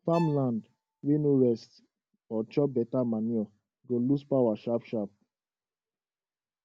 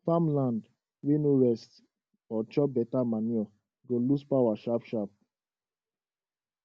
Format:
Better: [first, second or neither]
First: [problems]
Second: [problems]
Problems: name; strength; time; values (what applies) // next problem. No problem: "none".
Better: second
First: background sound (Bowed string instrument); 16 dB below the speech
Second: none